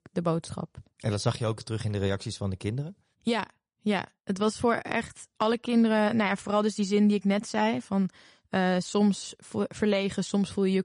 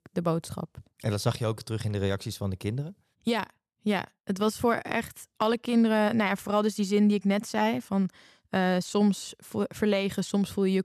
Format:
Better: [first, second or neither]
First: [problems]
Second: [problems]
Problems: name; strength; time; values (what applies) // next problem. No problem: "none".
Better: second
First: garbled, watery; slightly; nothing above 10.5 kHz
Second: none